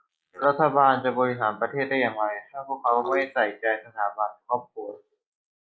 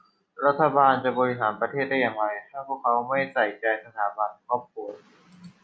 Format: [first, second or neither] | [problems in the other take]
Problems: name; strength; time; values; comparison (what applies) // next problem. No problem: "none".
second | noise reduction (neural mask model Resemble Enhance denoiser)